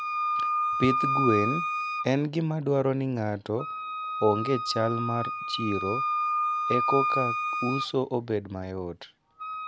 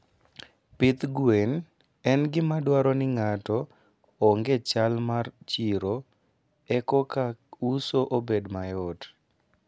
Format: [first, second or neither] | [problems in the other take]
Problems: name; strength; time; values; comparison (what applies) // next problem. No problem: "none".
second | background sound (Wind instrument, woodwind instrument); 1 dB below the speech